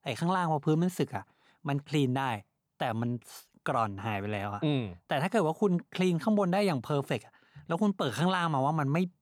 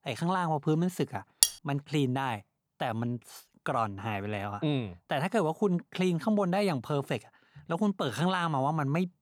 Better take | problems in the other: first | clattering dishes; loud; at 1.5 s; peak 5 dB above the speech

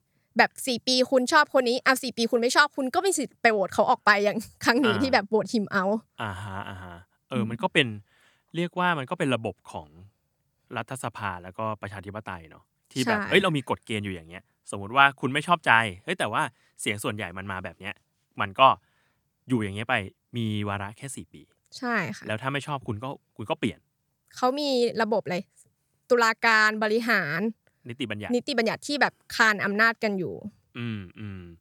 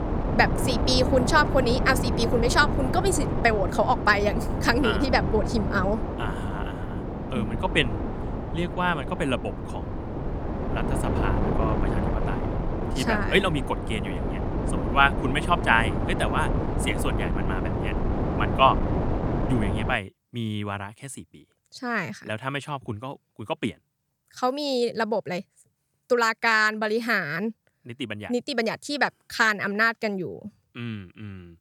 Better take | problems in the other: first | wind noise on the microphone; heavy; until 20 s; 8 dB below the speech

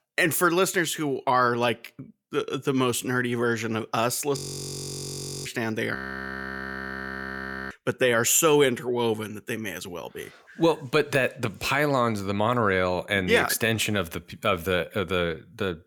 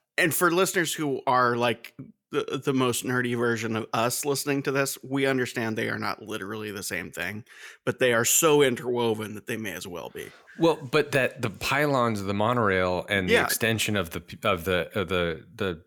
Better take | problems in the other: second | audio freezing; at 4.5 s for 1 s and at 6 s for 2 s

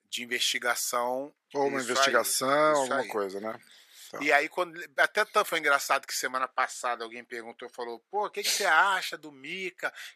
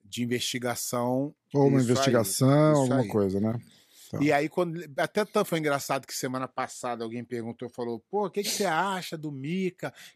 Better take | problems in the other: second | thin; very; fading below 550 Hz

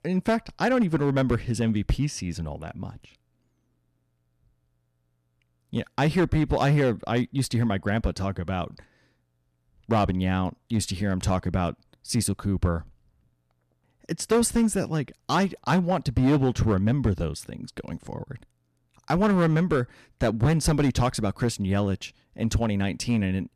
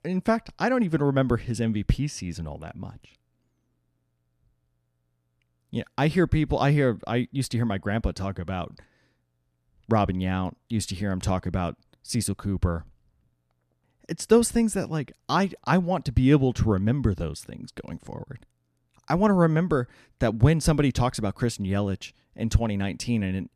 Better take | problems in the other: second | distortion; slight; 4% of the sound clipped

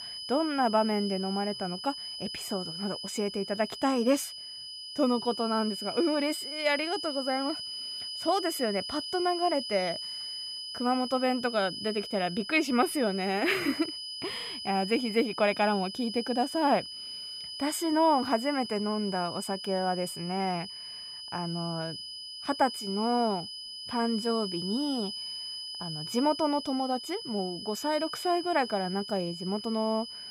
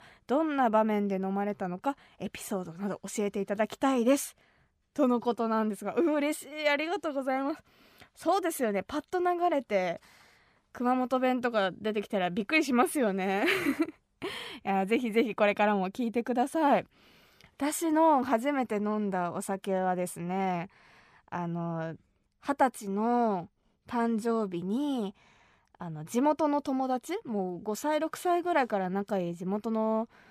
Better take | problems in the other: second | high-pitched whine; loud; throughout; 5 kHz, 7 dB below the speech

